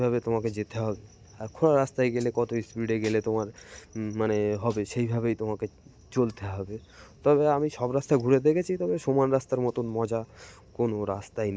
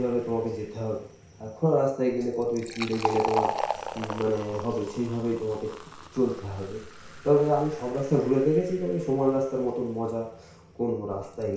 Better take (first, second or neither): first